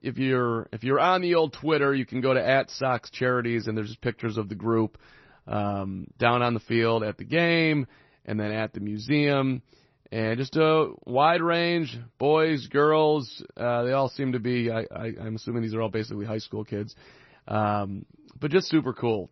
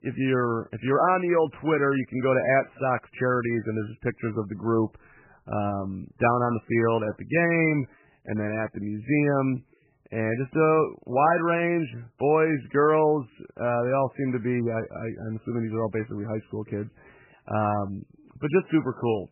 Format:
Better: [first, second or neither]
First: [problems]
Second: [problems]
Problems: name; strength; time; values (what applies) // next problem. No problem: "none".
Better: first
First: garbled, watery; slightly; nothing above 6 kHz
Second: garbled, watery; badly; nothing above 2.5 kHz